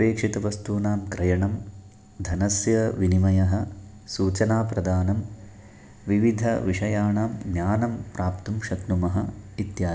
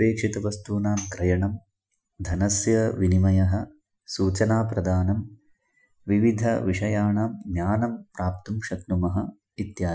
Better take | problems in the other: first | noise reduction (classical method Wiener filter)

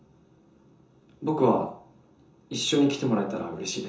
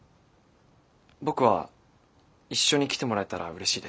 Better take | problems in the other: second | room echo; dies away in 0.6 s

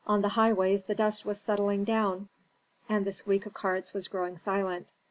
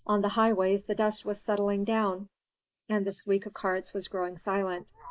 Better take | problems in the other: first | noise reduction (neural mask model Resemble Enhance denoiser)

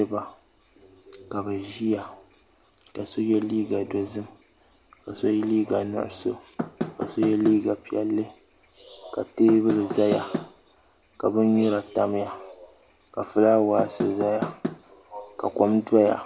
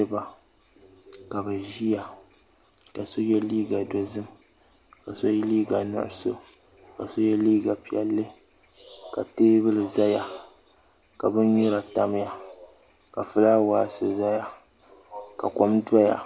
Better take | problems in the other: second | background sound (Knock / Wood); 6 dB below the speech

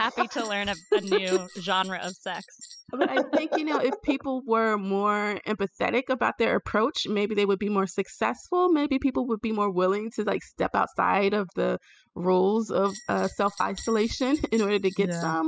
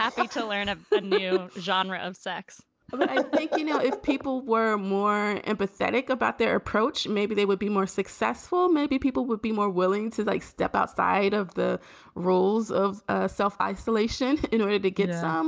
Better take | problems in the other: second | noise reduction (classical method spectral subtraction)

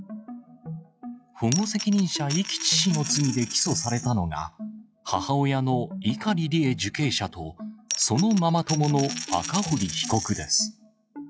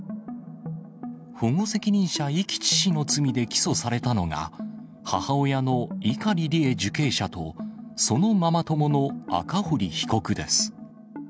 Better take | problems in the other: second | noise reduction (classical method log-MMSE)

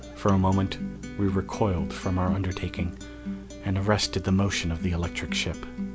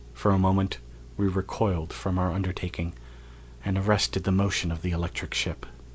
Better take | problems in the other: second | background sound (Acoustic guitar); 8 dB below the speech

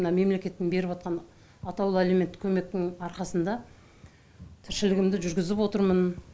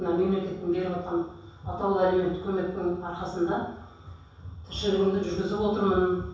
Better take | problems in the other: first | room echo; dies away in 0.7 s

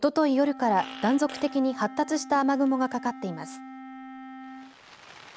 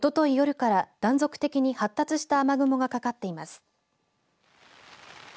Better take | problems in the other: second | background sound (Wind instrument, woodwind instrument + Fart); 15 dB below the speech

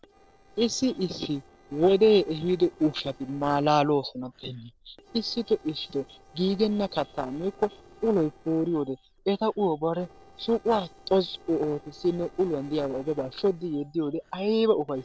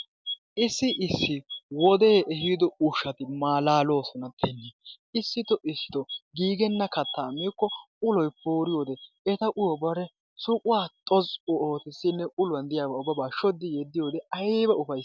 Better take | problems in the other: second | noise reduction (neural separator model SepFormer DNS4)

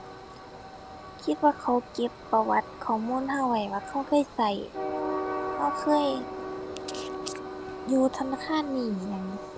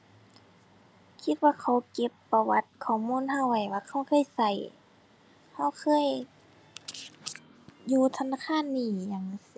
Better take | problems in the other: second | background sound (Train); 8 dB below the speech

